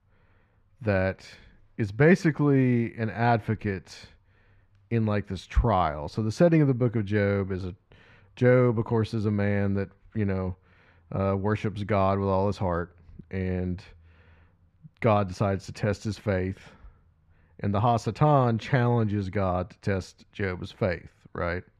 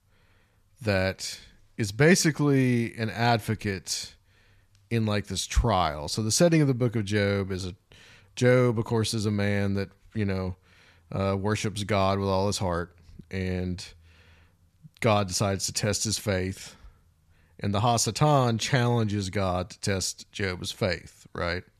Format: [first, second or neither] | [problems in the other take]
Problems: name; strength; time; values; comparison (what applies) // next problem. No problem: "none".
second | muffled; very; fading above 3.5 kHz